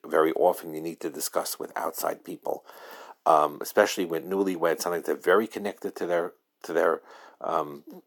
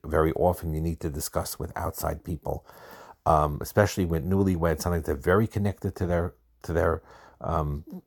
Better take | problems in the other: second | thin; somewhat; fading below 250 Hz

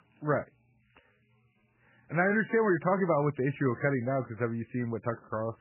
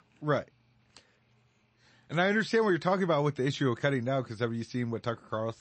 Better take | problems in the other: second | garbled, watery; badly; slightly in the second

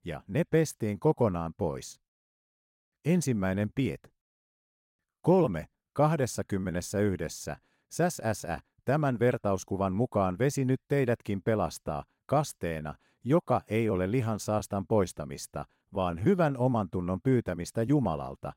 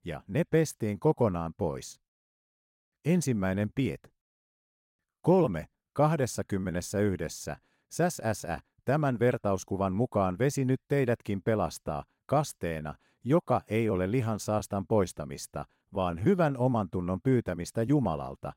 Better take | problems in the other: neither | none

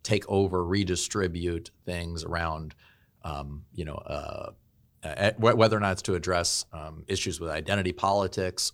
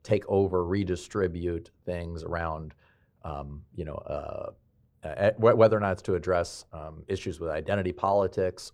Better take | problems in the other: first | muffled; very; fading above 2.5 kHz

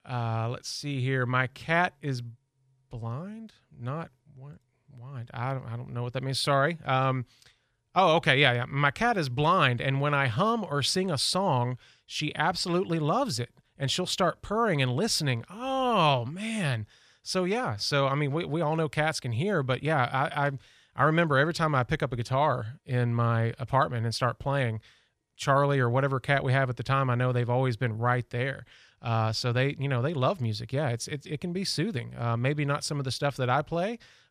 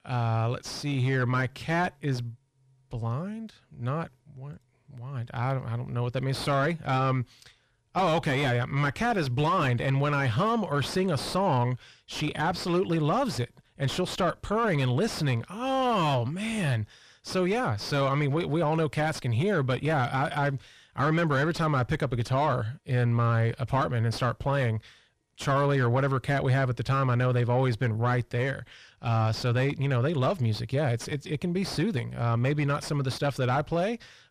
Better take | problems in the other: first | distortion; heavy; 8 dB below the speech

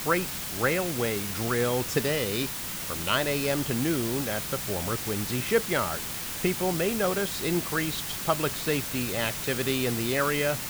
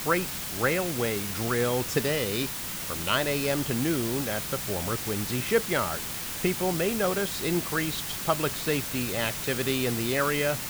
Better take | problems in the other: neither | hiss; loud; throughout; 3 dB below the speech; the same in both

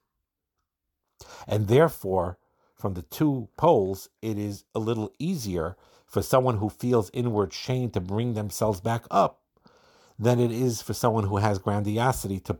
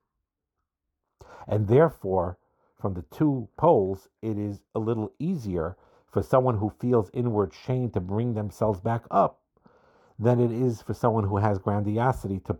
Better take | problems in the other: first | muffled; very; fading above 2.5 kHz

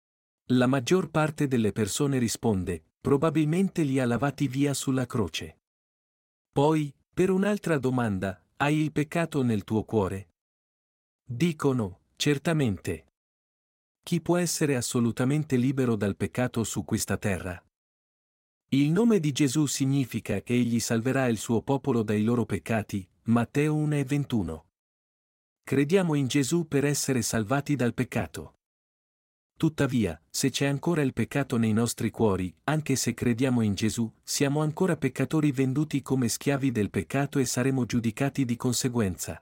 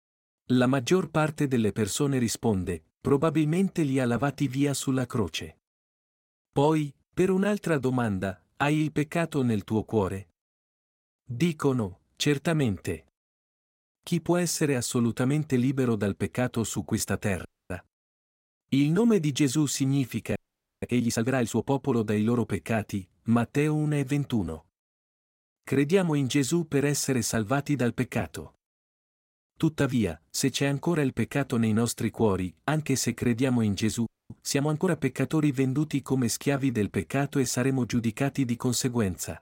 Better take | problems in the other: first | audio freezing; at 17 s, at 20 s and at 34 s

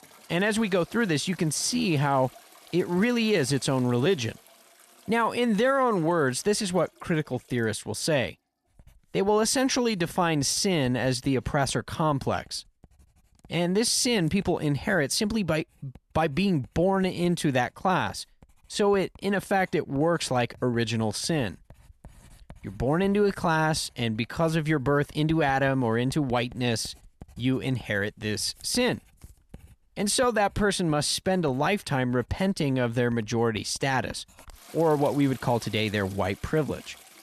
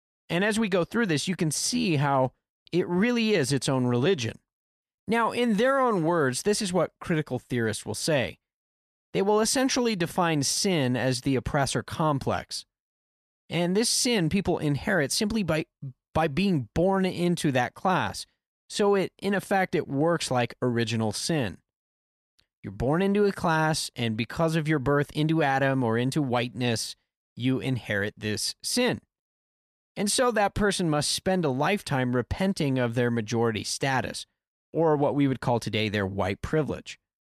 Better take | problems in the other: second | household noises; faint; throughout; 25 dB below the speech

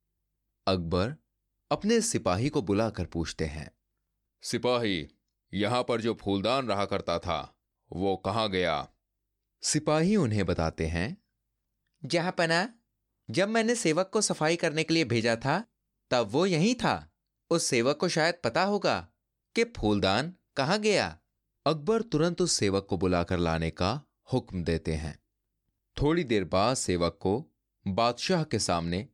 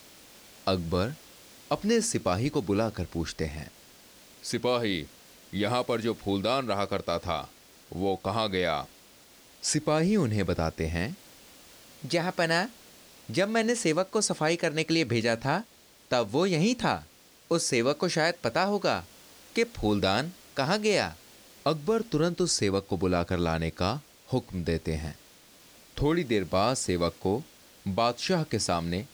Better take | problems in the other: first | hiss; faint; throughout; 25 dB below the speech

